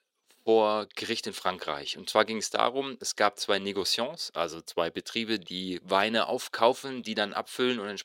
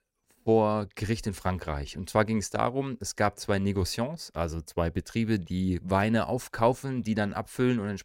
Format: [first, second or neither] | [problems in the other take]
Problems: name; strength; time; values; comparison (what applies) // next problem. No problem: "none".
second | thin; somewhat; fading below 400 Hz